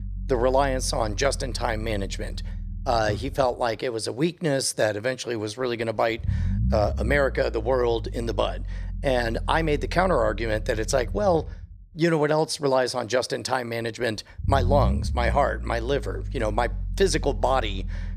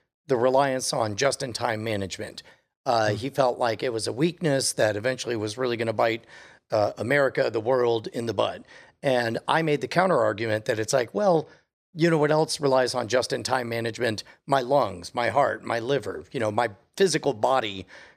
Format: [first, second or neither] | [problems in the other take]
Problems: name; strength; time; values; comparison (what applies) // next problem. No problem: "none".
second | low rumble; faint; throughout; 20 dB below the speech